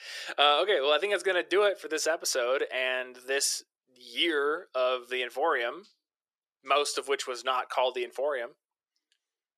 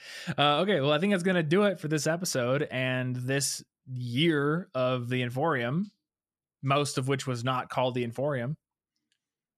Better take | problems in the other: second | thin; very; fading below 400 Hz

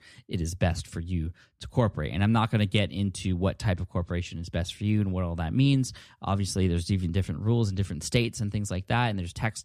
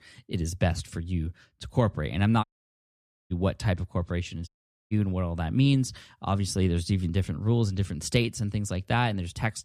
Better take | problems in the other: first | audio cutting out; at 2.5 s for 1 s and at 4.5 s

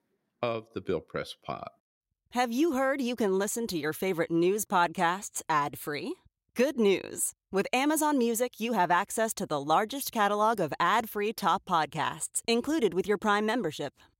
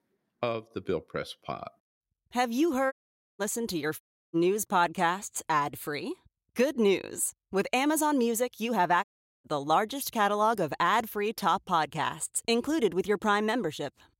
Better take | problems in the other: first | audio cutting out; at 3 s, at 4 s and at 9 s

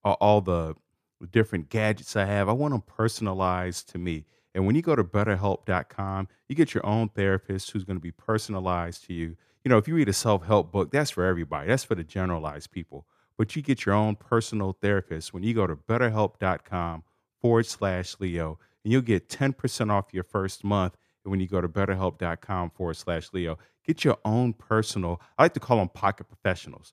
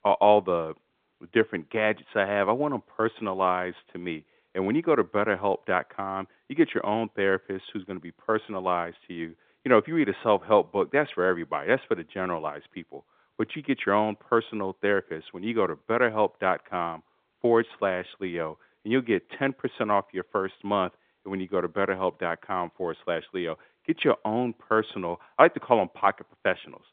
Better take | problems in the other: first | phone-call audio

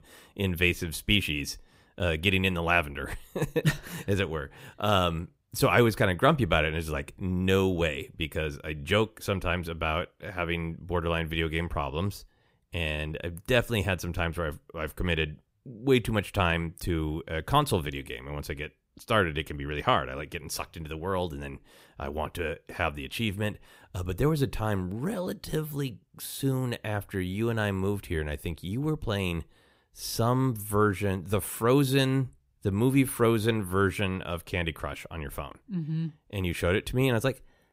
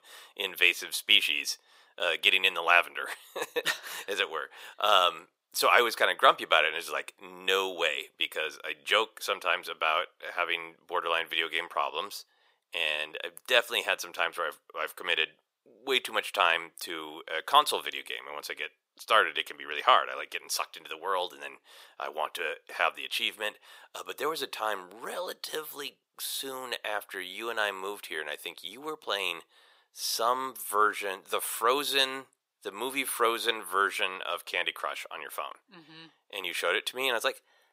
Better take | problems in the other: first | thin; very; fading below 550 Hz

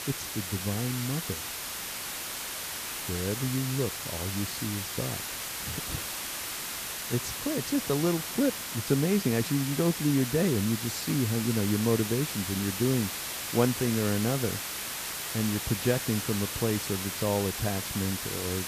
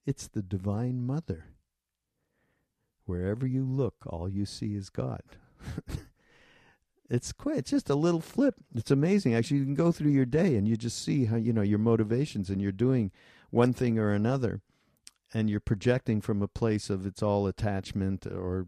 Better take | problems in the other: second | hiss; loud; throughout; 3 dB below the speech

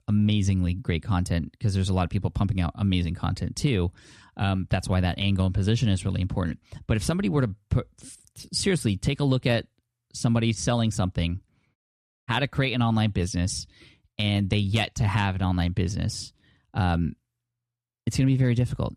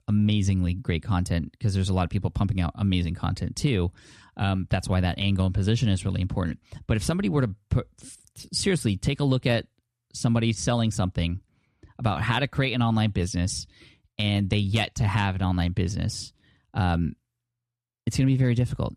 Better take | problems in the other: second | audio cutting out; at 12 s for 0.5 s

